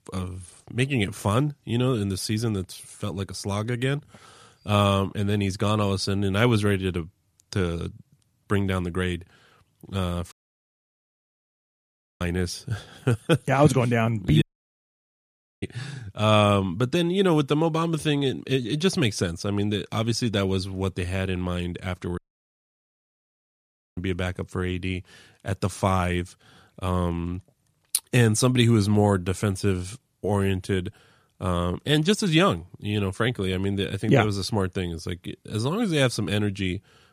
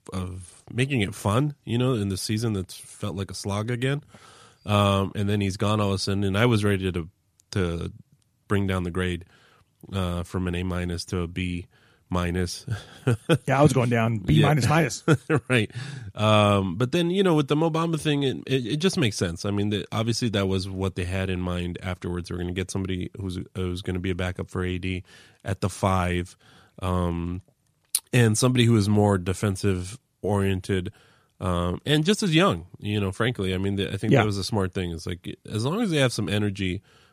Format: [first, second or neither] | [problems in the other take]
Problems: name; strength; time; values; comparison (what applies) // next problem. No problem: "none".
second | audio cutting out; at 10 s for 2 s, at 14 s for 1 s and at 22 s for 2 s